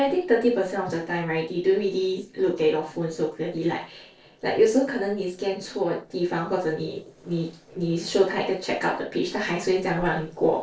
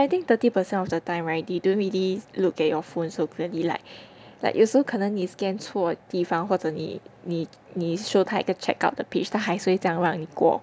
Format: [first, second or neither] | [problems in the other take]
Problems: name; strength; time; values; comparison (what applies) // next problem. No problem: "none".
second | noise reduction (neural separator model SepFormer DNS4)